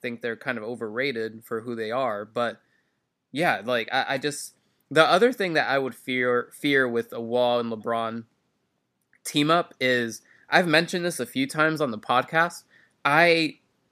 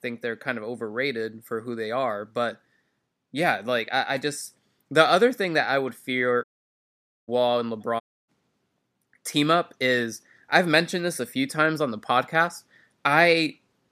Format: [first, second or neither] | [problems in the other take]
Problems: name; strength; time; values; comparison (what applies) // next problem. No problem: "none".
first | audio cutting out; at 6.5 s for 1 s and at 8 s